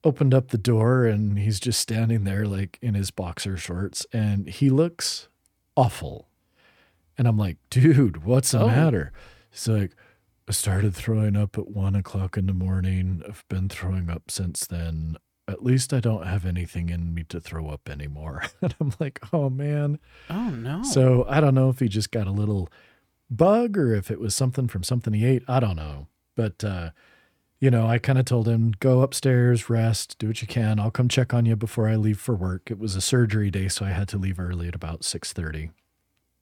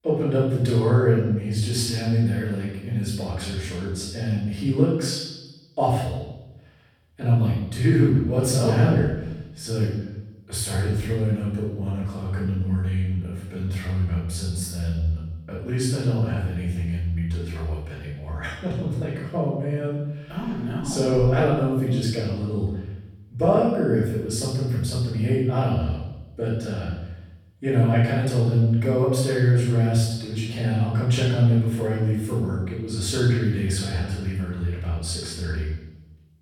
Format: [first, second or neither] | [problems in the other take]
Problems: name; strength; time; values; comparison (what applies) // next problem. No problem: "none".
first | off-mic speech; far // room echo; strong; dies away in 0.9 s